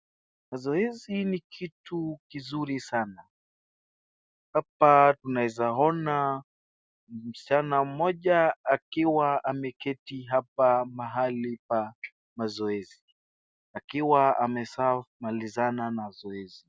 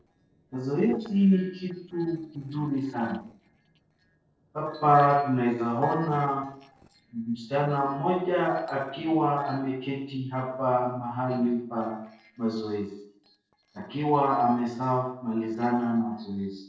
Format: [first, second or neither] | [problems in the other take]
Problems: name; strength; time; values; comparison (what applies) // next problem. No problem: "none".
first | noise reduction (neural separator model SepFormer DNS4)